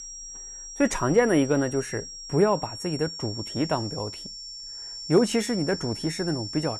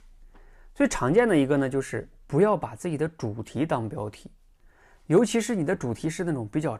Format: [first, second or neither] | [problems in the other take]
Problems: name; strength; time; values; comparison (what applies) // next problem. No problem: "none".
second | high-pitched whine; loud; throughout; 5.5 kHz, 10 dB below the speech